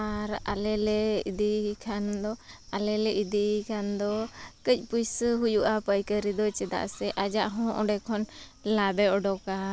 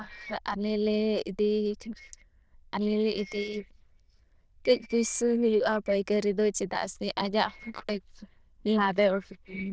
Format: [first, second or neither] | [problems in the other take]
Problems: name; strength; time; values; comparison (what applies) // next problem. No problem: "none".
first | noise reduction (neural diffusion model UNIVERSE++)